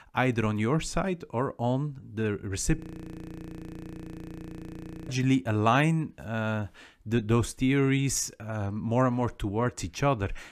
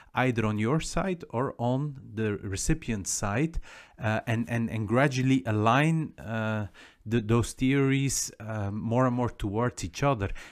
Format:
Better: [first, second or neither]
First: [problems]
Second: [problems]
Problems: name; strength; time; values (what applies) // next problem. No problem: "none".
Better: second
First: audio freezing; at 3 s for 2.5 s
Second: none